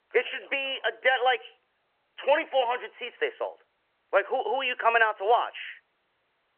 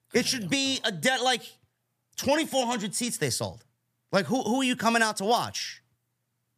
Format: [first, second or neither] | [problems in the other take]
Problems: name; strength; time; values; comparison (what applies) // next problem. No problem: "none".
second | phone-call audio; nothing above 3 kHz